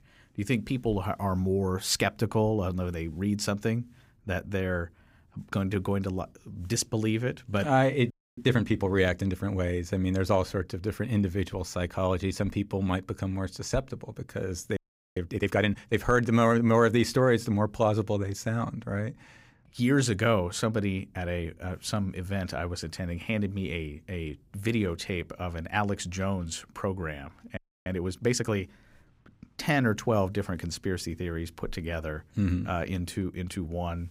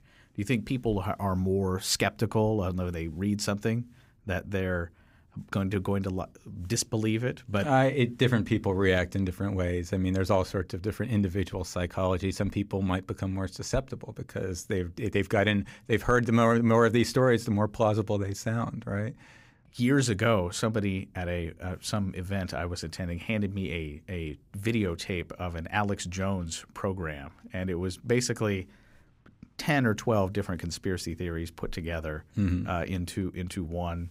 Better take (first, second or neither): second